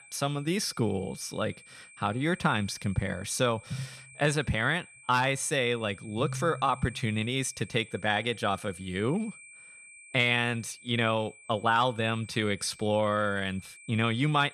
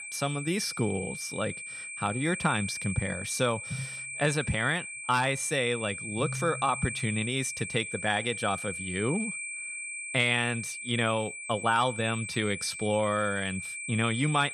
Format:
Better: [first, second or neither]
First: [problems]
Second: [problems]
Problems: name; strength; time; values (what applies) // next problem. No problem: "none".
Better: first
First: high-pitched whine; faint; throughout; 2.5 kHz, 20 dB below the speech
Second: high-pitched whine; loud; throughout; 2.5 kHz, 6 dB below the speech